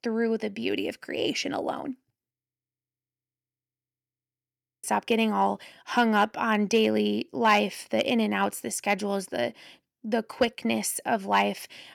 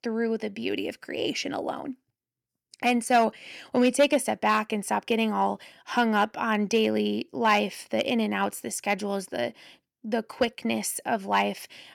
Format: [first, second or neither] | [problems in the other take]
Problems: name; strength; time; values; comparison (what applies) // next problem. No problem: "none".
second | audio freezing; at 2.5 s for 2.5 s